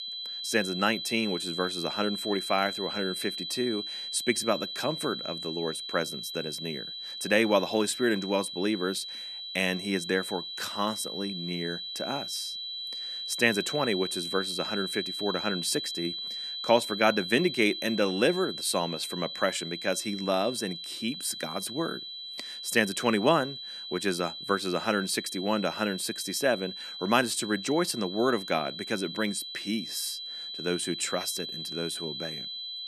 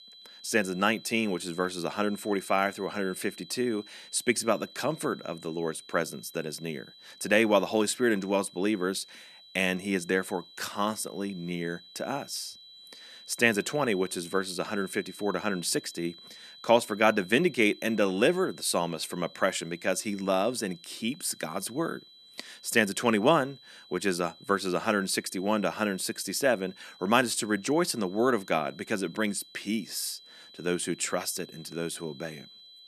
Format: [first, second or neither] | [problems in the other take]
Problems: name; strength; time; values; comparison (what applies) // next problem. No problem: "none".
second | high-pitched whine; loud; throughout; 4 kHz, 6 dB below the speech; faint in the second